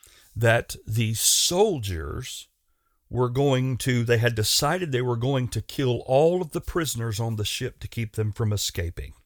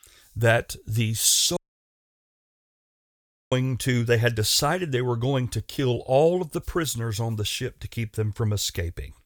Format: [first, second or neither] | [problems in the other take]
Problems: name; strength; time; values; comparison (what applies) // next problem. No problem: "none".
first | audio cutting out; at 1.5 s for 2 s